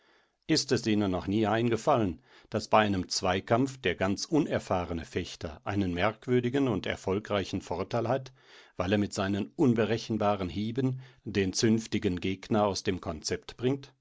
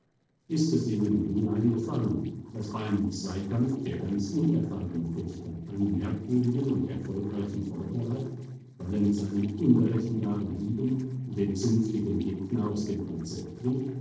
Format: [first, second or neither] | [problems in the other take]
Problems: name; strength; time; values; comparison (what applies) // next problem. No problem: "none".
first | noise reduction (neural separator model SepFormer DNS4)